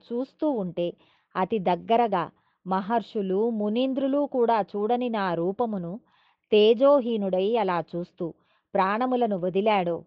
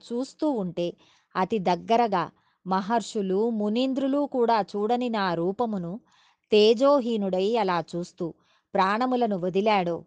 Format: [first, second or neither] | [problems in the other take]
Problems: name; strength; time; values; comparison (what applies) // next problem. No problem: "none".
second | muffled; slightly; fading above 3 kHz